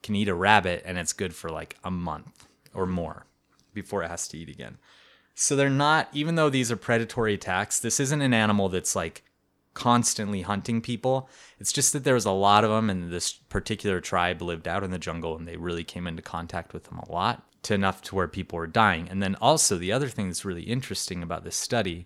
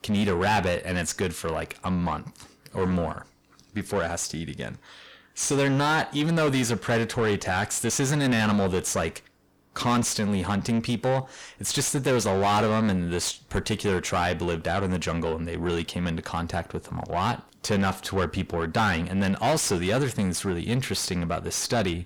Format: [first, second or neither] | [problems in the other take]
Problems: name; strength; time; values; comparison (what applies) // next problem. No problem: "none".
first | distortion; heavy; 5 dB below the speech